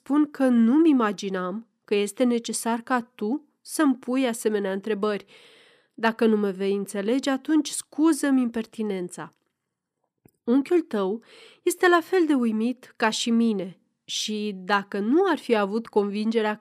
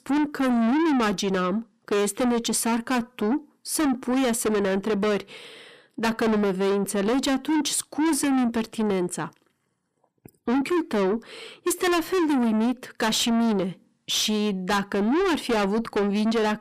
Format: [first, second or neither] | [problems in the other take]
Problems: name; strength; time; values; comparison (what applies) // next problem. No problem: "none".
first | distortion; heavy; 6 dB below the speech